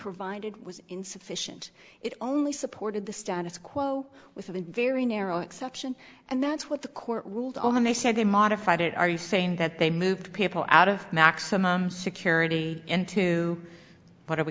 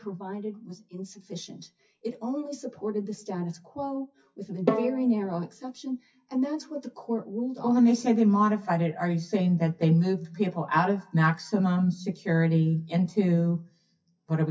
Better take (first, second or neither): first